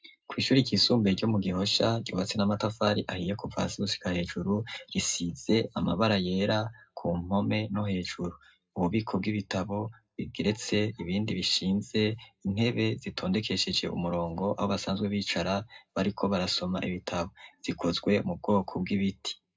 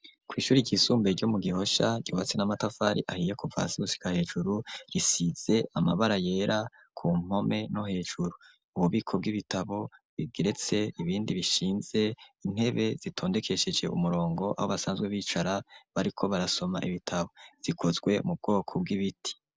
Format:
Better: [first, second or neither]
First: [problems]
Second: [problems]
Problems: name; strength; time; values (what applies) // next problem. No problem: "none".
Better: second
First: room echo; dies away in 0.2 s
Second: none